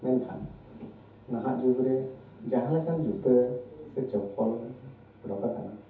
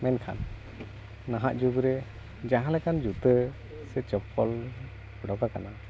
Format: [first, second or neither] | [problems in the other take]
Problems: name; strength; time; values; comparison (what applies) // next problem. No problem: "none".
second | room echo; dies away in 0.5 s